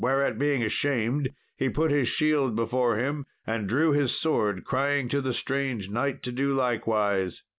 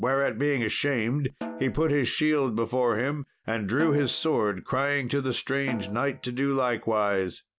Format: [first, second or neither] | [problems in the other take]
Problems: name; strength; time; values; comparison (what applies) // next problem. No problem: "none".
first | background sound (Snare drum); 17 dB below the speech